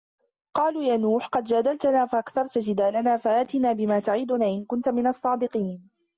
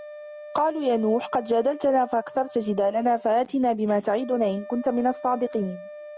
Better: first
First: none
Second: background sound (Wind instrument, woodwind instrument); 17 dB below the speech

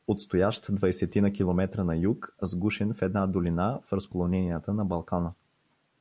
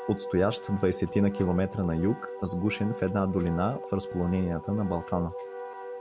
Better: first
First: none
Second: background sound (Wind instrument, woodwind instrument); 10 dB below the speech

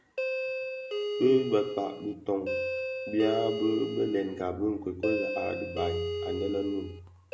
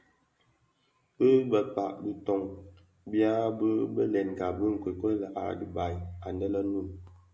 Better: second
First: background sound (Doorbell); 4 dB below the speech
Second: none

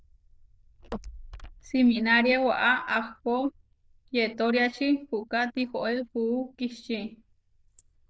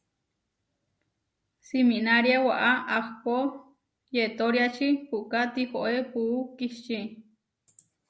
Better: second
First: noise reduction (neural diffusion model UNIVERSE++)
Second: none

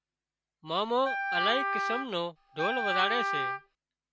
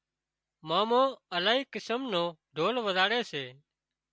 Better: second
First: background sound (Wind instrument, woodwind instrument); 1 dB above the speech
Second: none

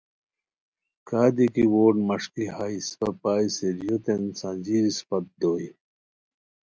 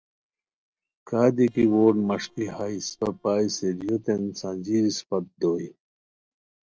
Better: first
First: none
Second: noise reduction (neural separator model SepFormer DNS4)

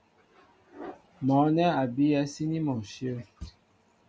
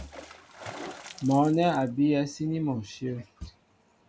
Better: first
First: none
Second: background sound (Water / Splash, splatter); 19 dB below the speech

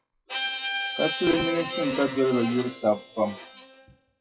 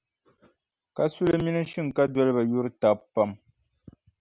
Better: second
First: noise reduction (classical method WPE with log-MMSE)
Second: none

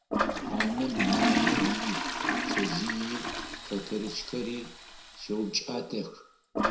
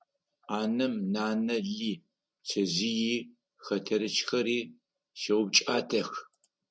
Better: second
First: background sound (Toilet flush); 3 dB above the speech // room echo; dies away in 0.5 s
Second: none

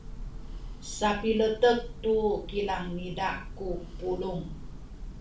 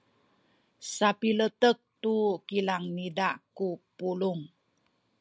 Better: second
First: background sound (Church bell); 9 dB below the speech // room echo; dies away in 0.4 s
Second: none

